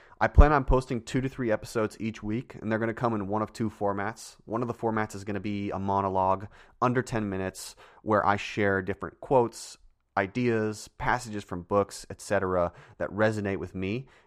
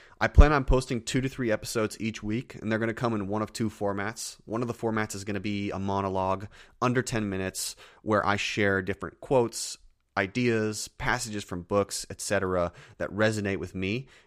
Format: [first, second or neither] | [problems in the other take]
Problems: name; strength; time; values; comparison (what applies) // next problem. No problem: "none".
second | muffled; slightly; fading above 2 kHz